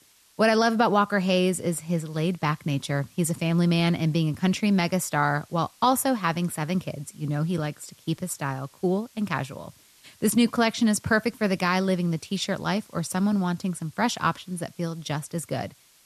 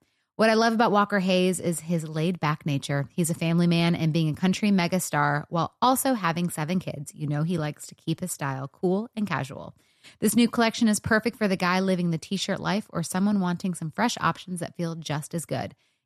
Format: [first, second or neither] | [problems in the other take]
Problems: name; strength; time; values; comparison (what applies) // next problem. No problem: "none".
second | hiss; faint; throughout; 30 dB below the speech